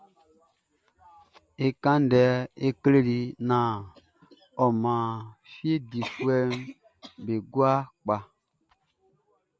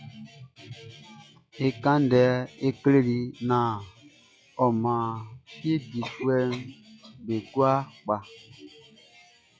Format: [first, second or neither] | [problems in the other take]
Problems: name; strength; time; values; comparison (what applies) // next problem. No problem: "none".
first | noise reduction (classical method log-MMSE)